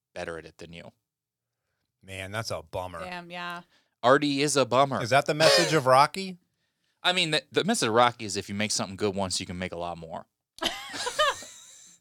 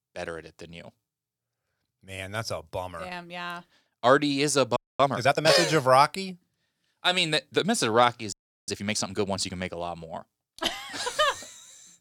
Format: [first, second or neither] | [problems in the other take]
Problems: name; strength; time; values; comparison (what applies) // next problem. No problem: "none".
first | audio freezing; at 5 s and at 8.5 s